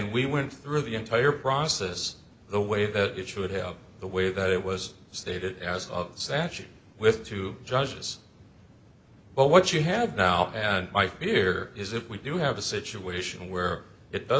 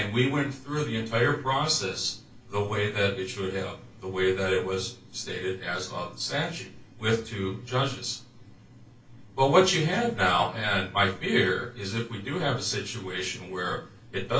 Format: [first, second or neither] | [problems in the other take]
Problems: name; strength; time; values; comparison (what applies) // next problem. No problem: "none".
first | room echo; dies away in 0.2 s